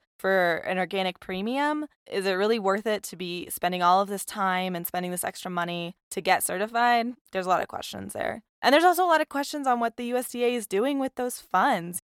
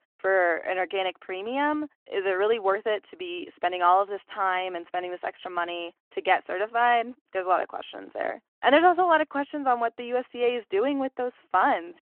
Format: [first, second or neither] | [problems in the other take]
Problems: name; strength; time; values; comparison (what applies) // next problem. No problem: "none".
first | phone-call audio